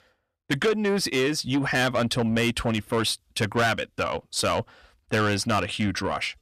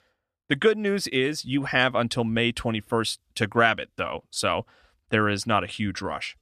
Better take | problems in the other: second | distortion; heavy; 7 dB below the speech

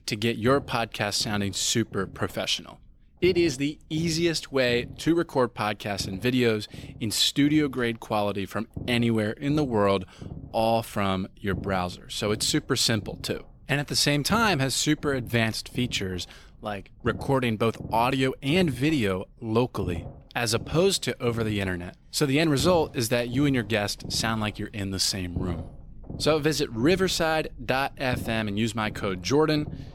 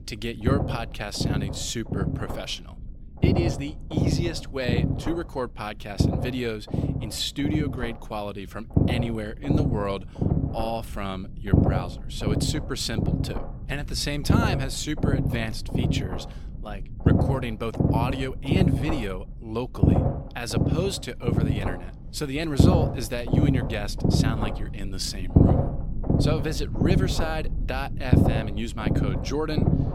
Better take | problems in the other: first | low rumble; loud; throughout; 1 dB below the speech; faint in the first

